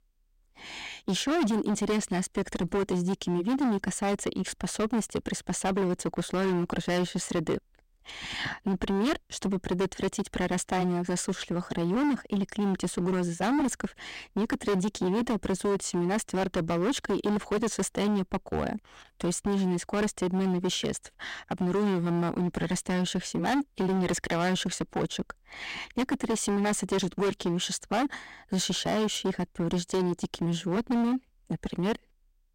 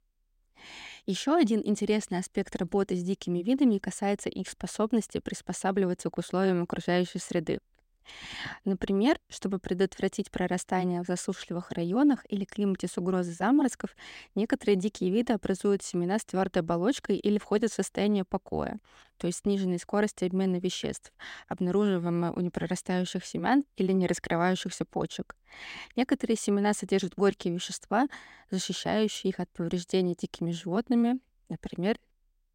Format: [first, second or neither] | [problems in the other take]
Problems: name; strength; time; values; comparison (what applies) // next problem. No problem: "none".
second | distortion; heavy; 17% of the sound clipped